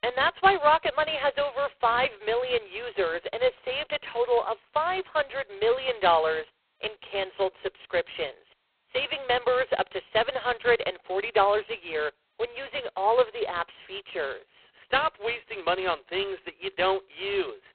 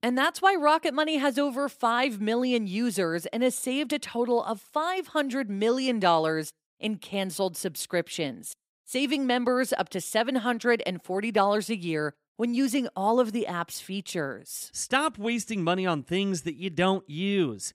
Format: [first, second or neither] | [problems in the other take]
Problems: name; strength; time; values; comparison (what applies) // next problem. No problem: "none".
second | phone-call audio; poor line; nothing above 3.5 kHz